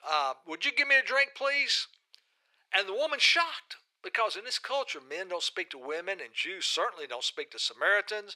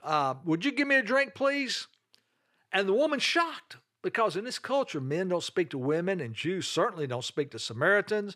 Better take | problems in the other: second | thin; very; fading below 550 Hz

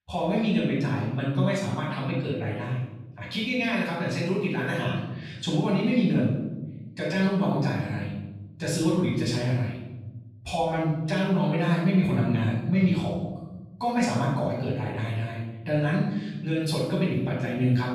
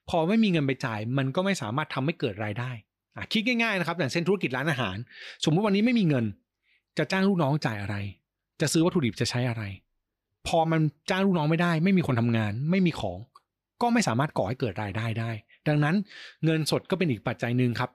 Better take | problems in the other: second | off-mic speech; far // room echo; strong; dies away in 1 s

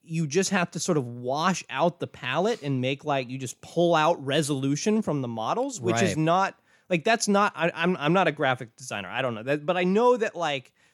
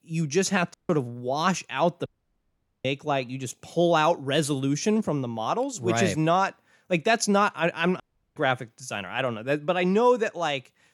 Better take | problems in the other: first | audio cutting out; at 0.5 s, at 2 s for 1 s and at 8 s

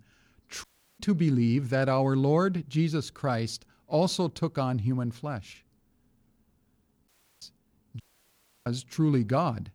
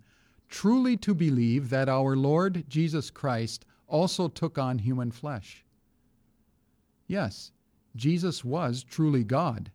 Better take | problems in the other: second | audio cutting out; at 0.5 s, at 7 s and at 8 s for 0.5 s

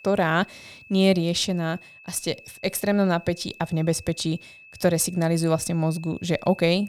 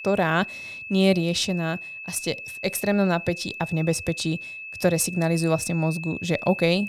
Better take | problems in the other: first | high-pitched whine; loud; throughout; 2.5 kHz, 10 dB below the speech; faint in the first

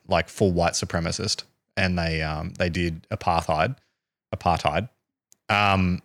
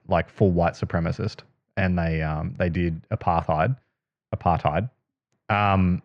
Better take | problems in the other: first | muffled; very; fading above 2 kHz

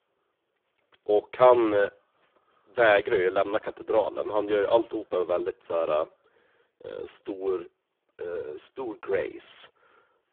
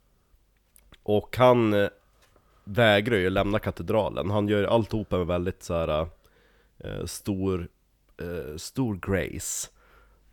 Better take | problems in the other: second | phone-call audio; poor line

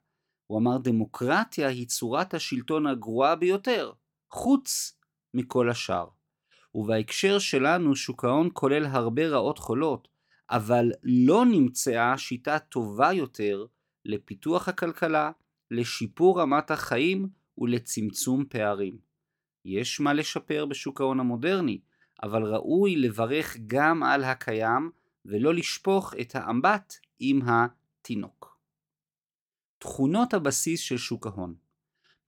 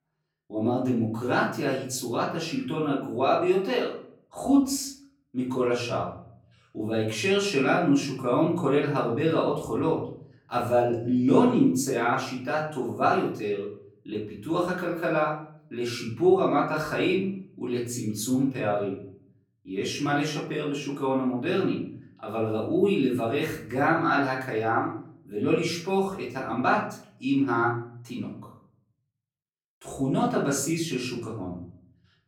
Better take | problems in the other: first | off-mic speech; far // room echo; slight; dies away in 0.6 s

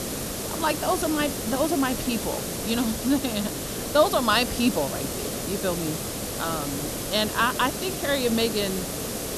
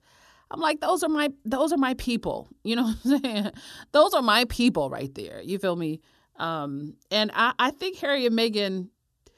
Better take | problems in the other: second | hiss; loud; throughout; 4 dB below the speech

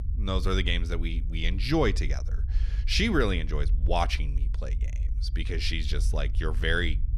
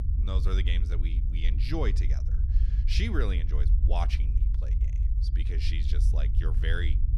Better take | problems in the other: first | low rumble; loud; throughout; 9 dB below the speech; faint in the first

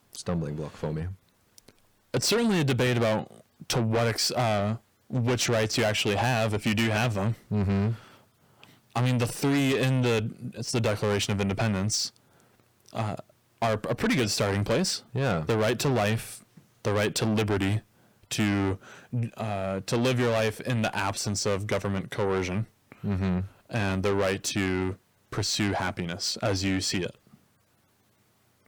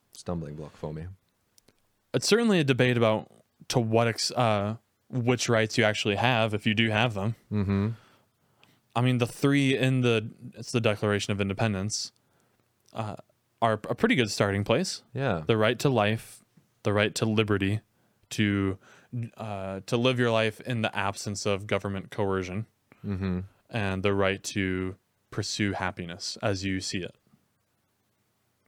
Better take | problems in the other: second | distortion; heavy; 6 dB below the speech

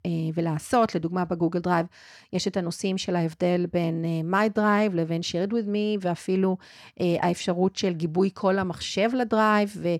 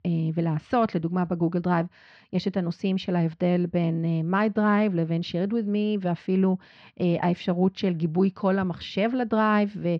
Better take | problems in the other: first | muffled; very slightly; fading above 4 kHz

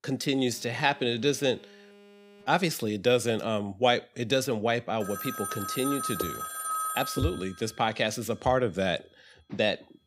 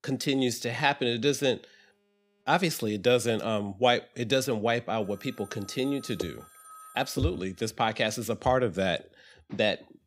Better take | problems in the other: second | alarms or sirens; loud; throughout; 5 dB below the speech; faint in the second

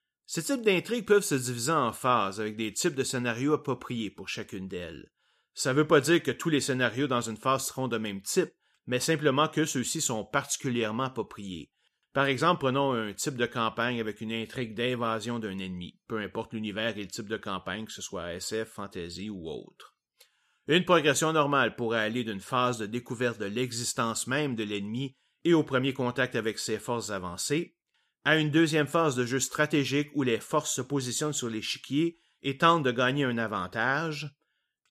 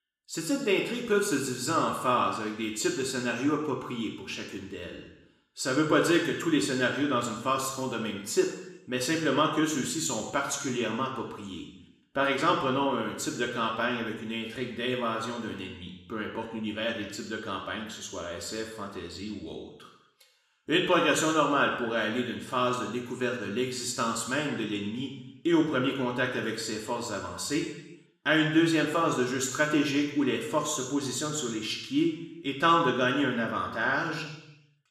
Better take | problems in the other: first | room echo; noticeable; dies away in 0.9 s // off-mic speech; somewhat distant

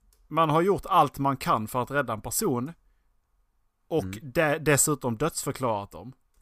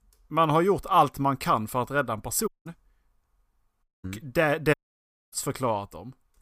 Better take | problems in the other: first | audio cutting out; at 2.5 s, at 4 s and at 4.5 s for 0.5 s

